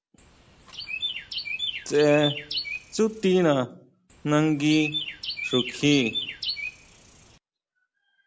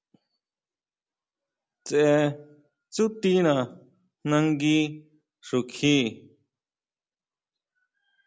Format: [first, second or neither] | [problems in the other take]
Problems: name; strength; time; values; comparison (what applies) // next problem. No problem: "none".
second | background sound (Chirp, tweet); 8 dB below the speech